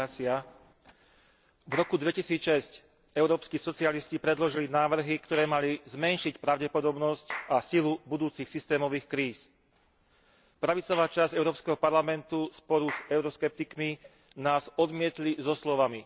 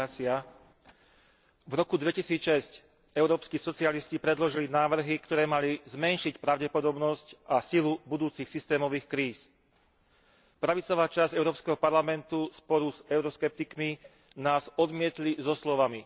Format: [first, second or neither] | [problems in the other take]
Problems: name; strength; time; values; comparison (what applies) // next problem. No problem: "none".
second | background sound (Clapping / Chirp, tweet); 20 dB below the speech